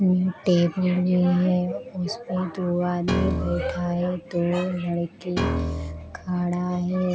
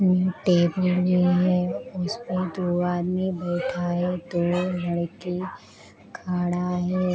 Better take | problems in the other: second | background sound (Piano); 5 dB below the speech

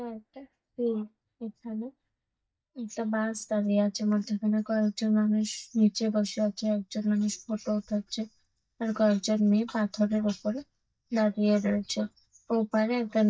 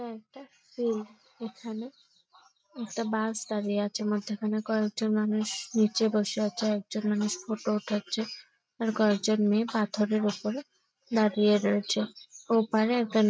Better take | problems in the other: second | noise reduction (neural mask model DeepFilterNet 3)

